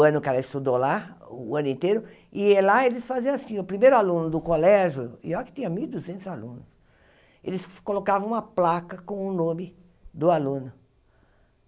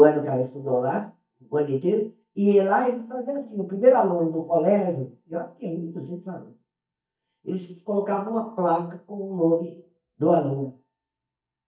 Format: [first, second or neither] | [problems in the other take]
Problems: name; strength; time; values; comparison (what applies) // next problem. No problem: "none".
first | noise reduction (neural mask model DeepFilterNet 3)